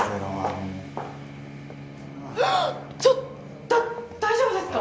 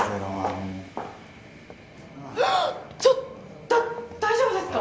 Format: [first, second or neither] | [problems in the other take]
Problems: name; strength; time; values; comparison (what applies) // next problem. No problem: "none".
second | background sound (Bowed string instrument); 16 dB below the speech